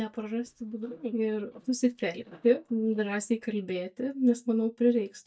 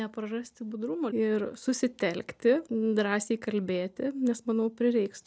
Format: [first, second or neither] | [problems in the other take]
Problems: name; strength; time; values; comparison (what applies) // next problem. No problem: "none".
second | noise reduction (neural mask model DeepFilterNet 3)